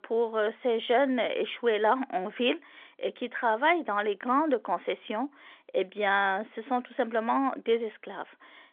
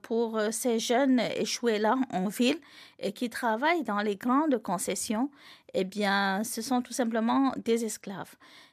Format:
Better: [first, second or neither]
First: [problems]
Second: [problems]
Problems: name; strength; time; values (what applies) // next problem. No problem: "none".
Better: second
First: phone-call audio; nothing above 3.5 kHz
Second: none